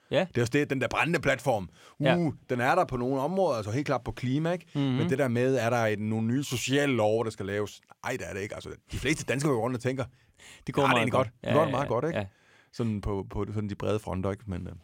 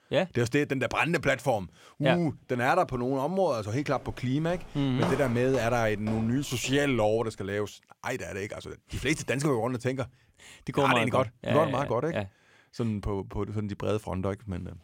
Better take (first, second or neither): first